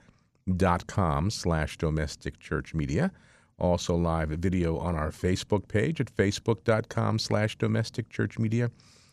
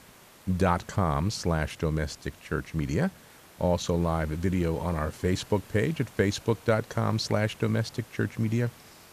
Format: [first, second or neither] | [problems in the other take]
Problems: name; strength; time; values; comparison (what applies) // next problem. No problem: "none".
first | hiss; faint; throughout; 20 dB below the speech